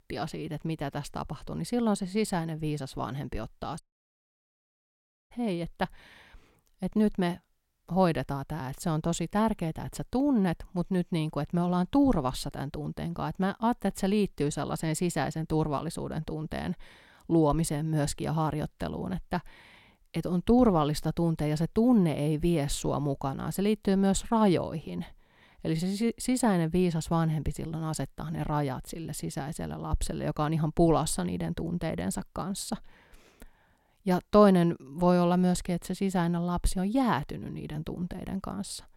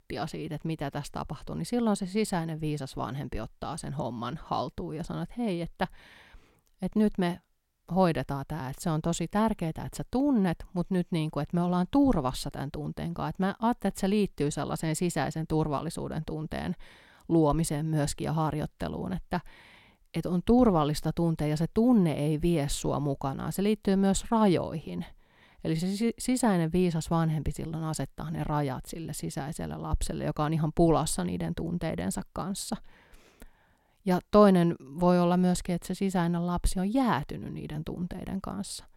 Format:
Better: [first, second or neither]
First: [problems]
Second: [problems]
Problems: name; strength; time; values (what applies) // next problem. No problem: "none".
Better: second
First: audio cutting out; at 4 s for 1.5 s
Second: none